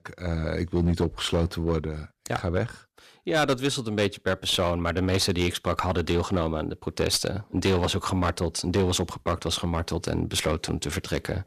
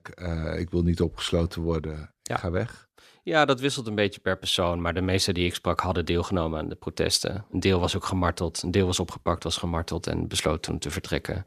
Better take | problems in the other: second | distortion; slight; 6% of the sound clipped

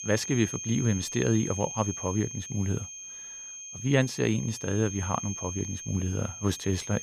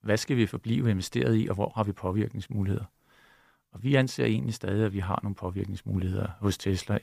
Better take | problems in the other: second | high-pitched whine; loud; throughout; 6.5 kHz, 8 dB below the speech

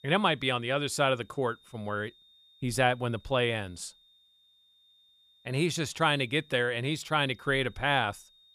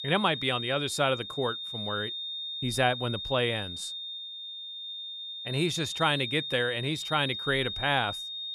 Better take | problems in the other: first | high-pitched whine; loud; throughout; 3.5 kHz, 5 dB below the speech; faint in the first

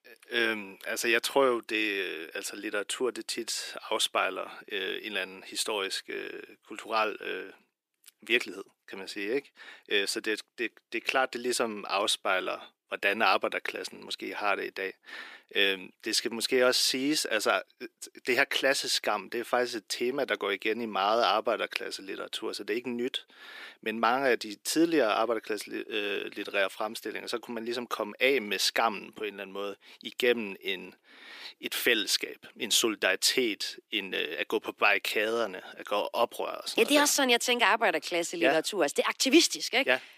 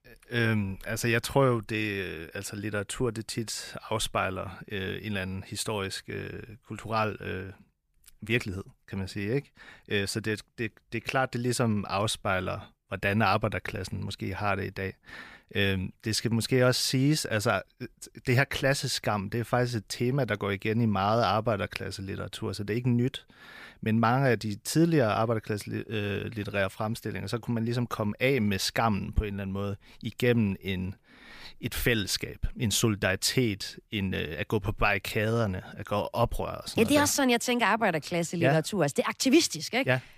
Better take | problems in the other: second | thin; somewhat; fading below 300 Hz

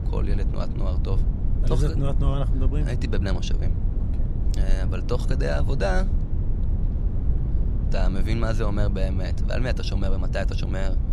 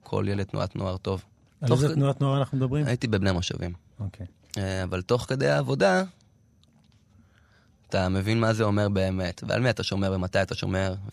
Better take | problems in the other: second | low rumble; loud; throughout; 9 dB below the speech

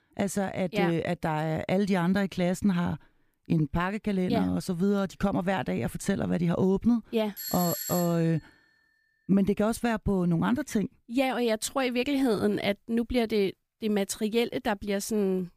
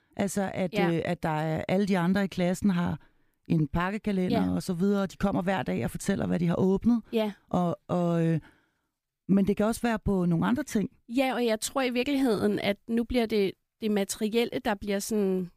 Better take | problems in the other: second | doorbell; noticeable; at 7.5 s; peak 3 dB below the speech

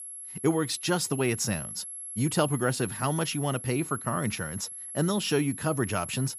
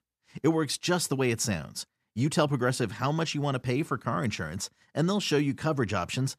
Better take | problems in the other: second | high-pitched whine; loud; throughout; 11 kHz, 8 dB below the speech

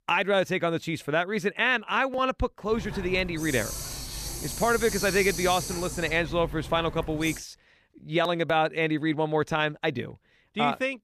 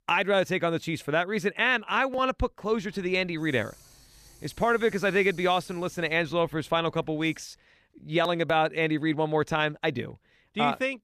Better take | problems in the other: second | hiss; loud; from 2.5 to 7.5 s; 9 dB below the speech; faint in the second

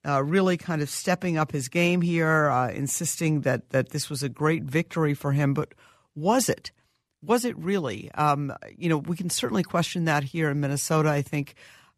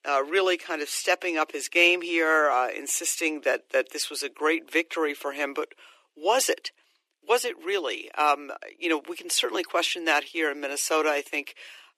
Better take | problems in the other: first | thin; very; fading below 350 Hz

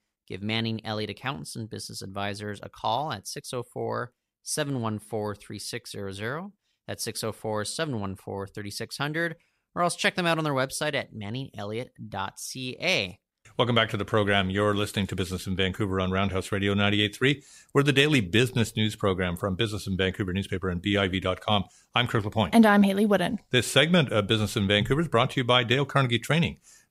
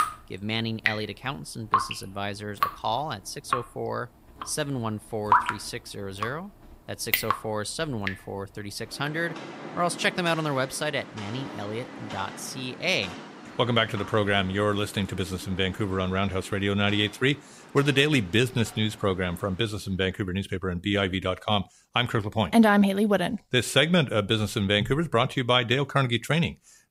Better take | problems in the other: first | rain or running water; loud; until 20 s; 6 dB below the speech

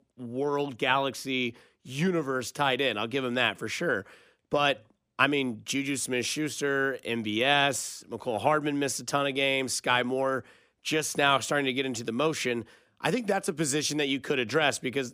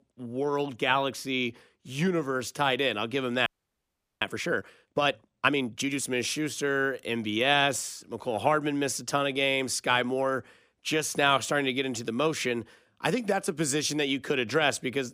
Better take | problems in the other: first | audio freezing; at 3.5 s for 1 s

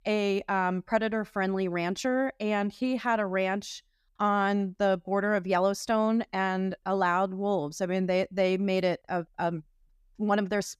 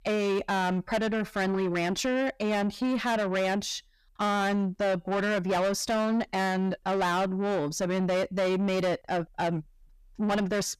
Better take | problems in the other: first | distortion; heavy; 7 dB below the speech

